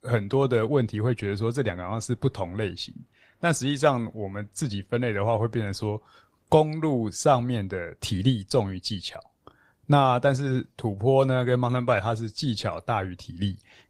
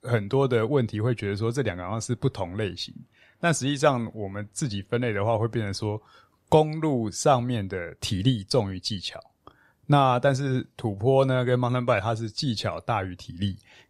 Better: second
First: garbled, watery; slightly; nothing above 15.5 kHz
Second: none

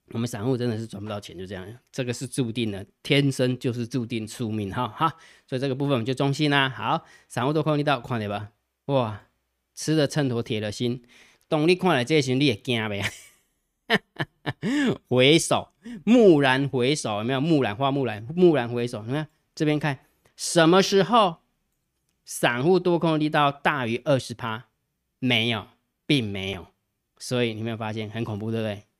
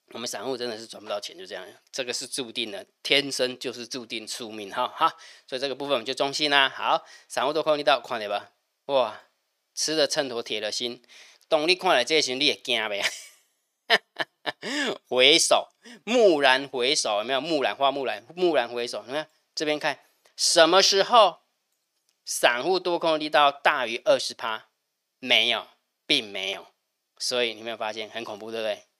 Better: first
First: none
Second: thin; very; fading below 500 Hz

